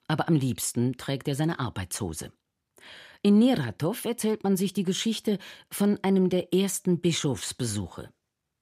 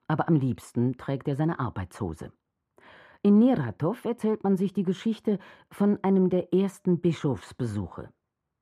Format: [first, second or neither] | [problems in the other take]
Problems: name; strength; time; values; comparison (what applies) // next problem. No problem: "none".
first | muffled; very; fading above 2.5 kHz